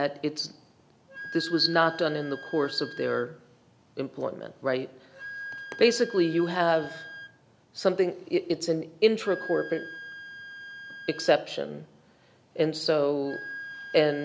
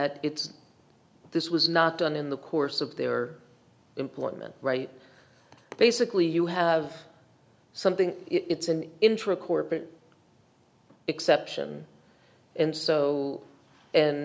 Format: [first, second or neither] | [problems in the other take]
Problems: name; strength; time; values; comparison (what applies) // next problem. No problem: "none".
second | background sound (Wind instrument, woodwind instrument); 15 dB below the speech